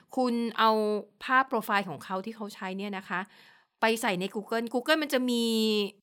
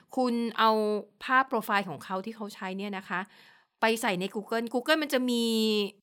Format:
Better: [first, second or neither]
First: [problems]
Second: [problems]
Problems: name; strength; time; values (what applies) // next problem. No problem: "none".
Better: neither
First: none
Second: none